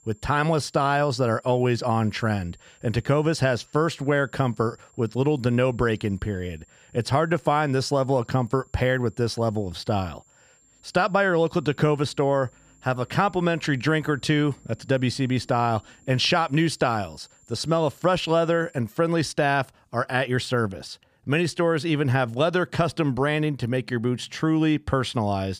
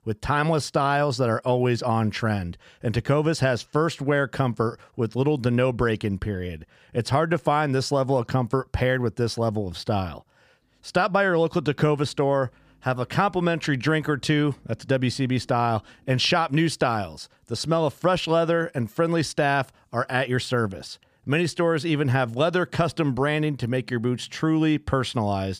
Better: second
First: high-pitched whine; faint; until 19 s; 7.5 kHz, 35 dB below the speech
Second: none

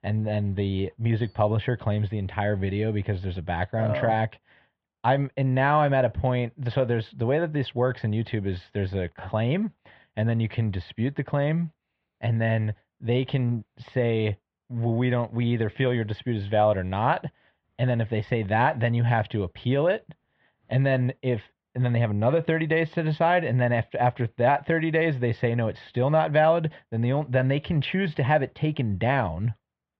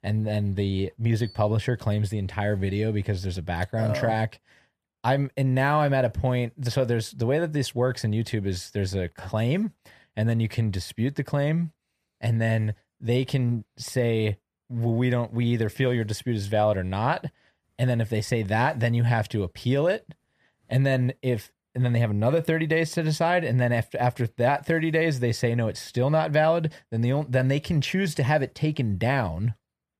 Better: second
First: muffled; very; fading above 3.5 kHz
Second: none

